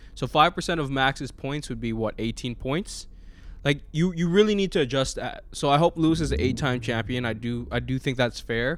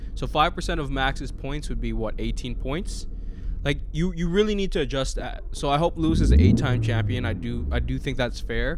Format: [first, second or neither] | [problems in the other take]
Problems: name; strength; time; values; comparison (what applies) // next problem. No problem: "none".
first | low rumble; loud; throughout; 7 dB below the speech; faint in the first